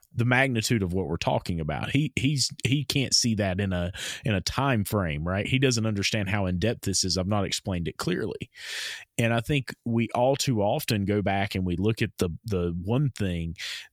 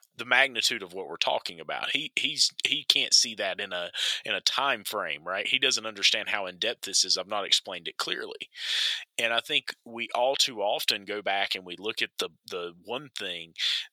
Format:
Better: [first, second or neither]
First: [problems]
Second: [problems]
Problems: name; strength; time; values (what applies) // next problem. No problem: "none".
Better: first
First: none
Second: thin; very; fading below 600 Hz